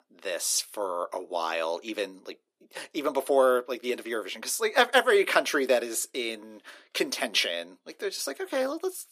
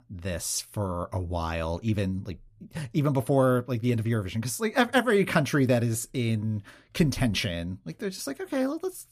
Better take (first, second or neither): second